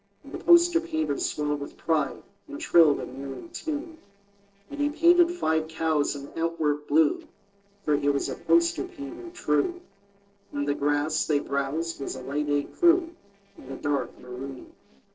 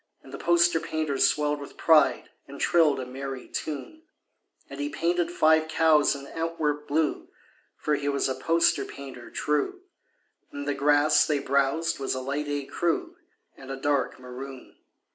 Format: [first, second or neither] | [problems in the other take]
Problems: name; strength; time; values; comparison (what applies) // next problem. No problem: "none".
second | noise reduction (neural separator model SepFormer DNS4)